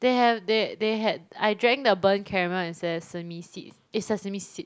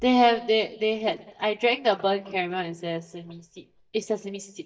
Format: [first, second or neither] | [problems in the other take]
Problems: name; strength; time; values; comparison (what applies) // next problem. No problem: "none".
first | noise reduction (neural mask model DeepFilterNet 3)